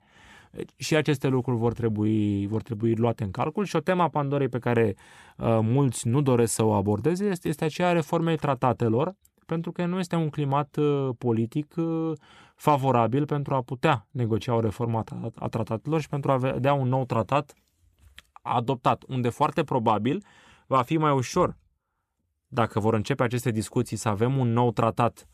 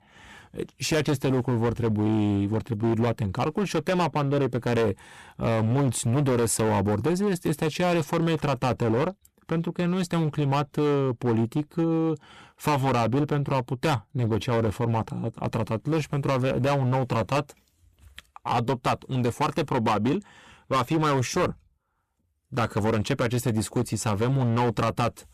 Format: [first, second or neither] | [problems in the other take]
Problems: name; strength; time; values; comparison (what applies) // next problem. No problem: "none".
first | distortion; heavy; 14% of the sound clipped